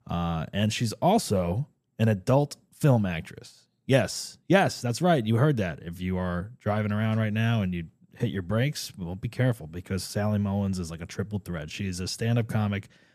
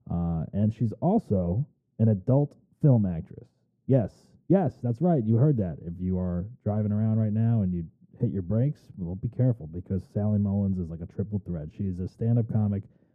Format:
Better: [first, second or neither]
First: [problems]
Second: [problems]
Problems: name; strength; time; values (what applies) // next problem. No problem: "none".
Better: first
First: none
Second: muffled; very; fading above 1 kHz